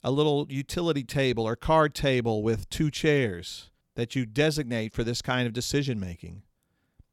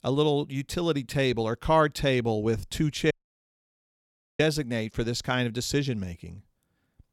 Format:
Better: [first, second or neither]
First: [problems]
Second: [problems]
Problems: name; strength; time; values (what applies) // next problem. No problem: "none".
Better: first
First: none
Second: audio cutting out; at 3 s for 1.5 s